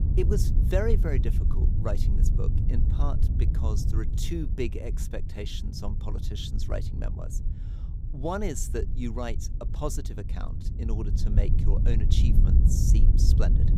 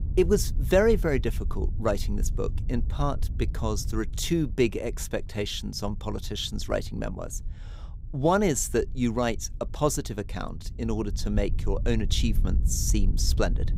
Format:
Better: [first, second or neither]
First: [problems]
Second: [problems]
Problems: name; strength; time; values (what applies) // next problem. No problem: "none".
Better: second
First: low rumble; loud; throughout; 6 dB below the speech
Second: low rumble; faint; throughout; 20 dB below the speech